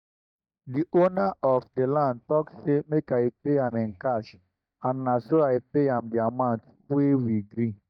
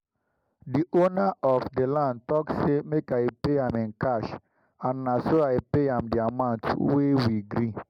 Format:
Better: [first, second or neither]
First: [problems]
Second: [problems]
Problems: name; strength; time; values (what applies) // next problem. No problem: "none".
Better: second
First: noise reduction (neural mask model DeepFilterNet 3)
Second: none